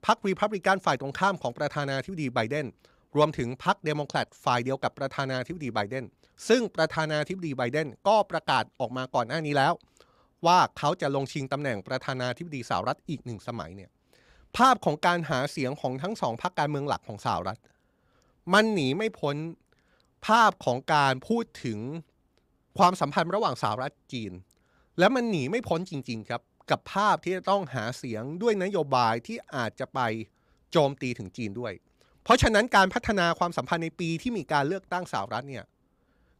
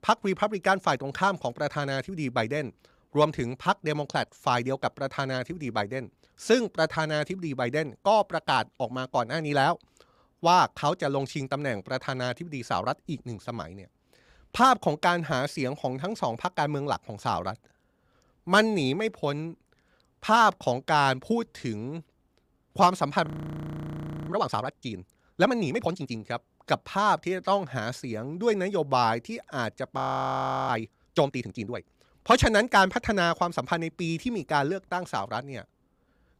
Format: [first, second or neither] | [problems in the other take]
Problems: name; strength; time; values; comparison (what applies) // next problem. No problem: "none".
first | audio freezing; at 23 s for 1 s and at 30 s for 0.5 s